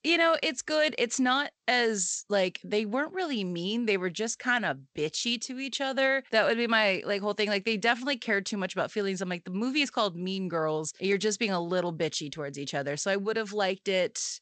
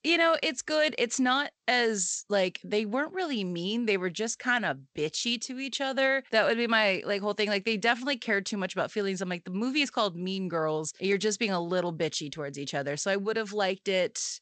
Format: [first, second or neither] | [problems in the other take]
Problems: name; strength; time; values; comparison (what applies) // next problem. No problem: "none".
neither | garbled, watery; slightly; nothing above 8 kHz; the same in both